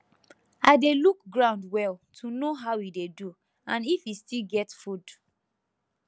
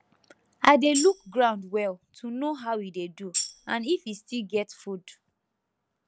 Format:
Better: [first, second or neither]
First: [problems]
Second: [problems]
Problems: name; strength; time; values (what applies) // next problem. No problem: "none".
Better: first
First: none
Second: background sound (Tambourine); 7 dB below the speech